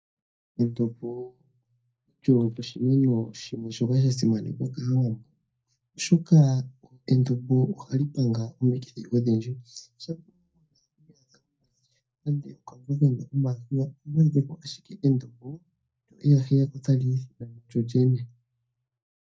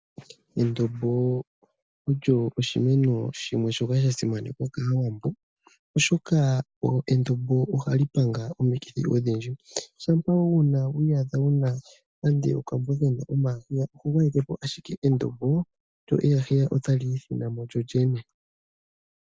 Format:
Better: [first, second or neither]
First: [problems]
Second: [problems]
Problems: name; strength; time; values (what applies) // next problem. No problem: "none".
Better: second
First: noise reduction (neural mask model DeepFilterNet 3)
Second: none